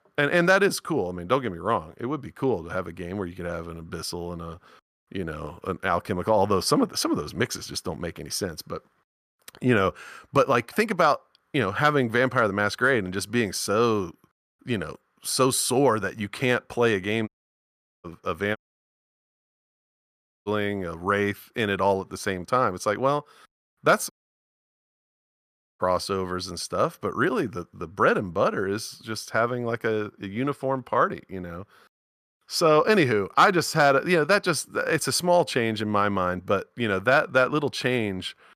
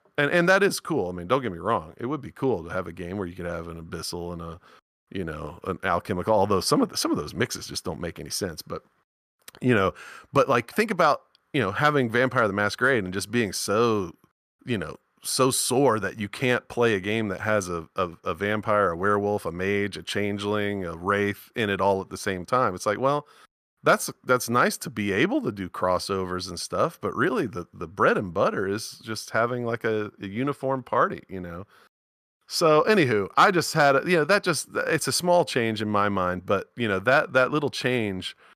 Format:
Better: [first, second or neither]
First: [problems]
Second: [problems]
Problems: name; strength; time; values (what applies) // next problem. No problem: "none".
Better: second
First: audio cutting out; at 17 s for 1 s, at 19 s for 2 s and at 24 s for 1.5 s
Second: none